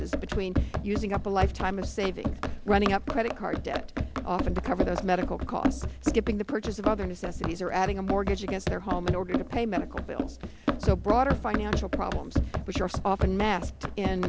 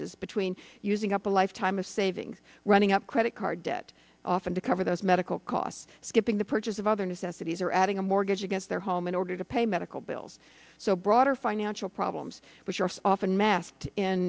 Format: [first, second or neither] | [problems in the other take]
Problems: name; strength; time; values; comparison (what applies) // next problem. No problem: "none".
second | background sound (Run); 1 dB below the speech